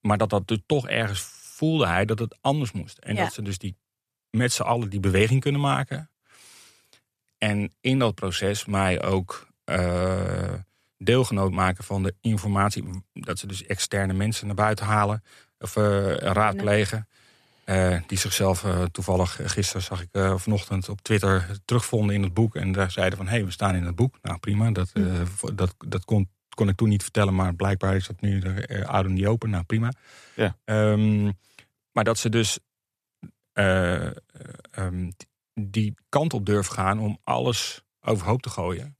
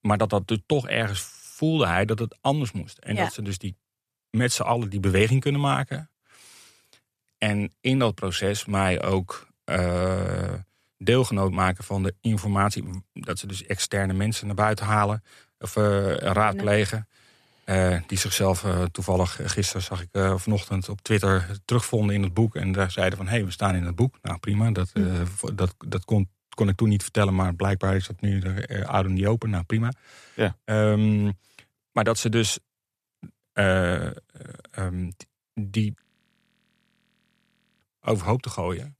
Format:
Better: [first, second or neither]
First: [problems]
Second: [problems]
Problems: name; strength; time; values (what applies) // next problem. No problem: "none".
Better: first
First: none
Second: audio freezing; at 36 s for 2 s